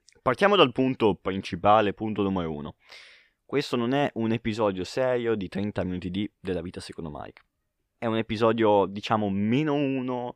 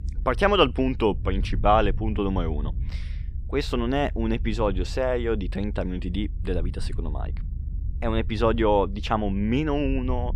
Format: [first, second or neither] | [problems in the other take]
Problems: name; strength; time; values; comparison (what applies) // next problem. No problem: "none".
first | low rumble; faint; throughout; 25 dB below the speech